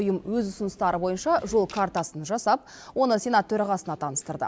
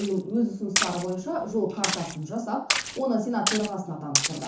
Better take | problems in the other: first | background sound (Splash, splatter); 3 dB below the speech // room echo; dies away in 0.9 s

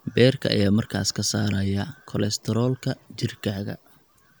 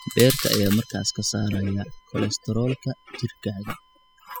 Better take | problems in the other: first | noise reduction (classical method spectral subtraction)

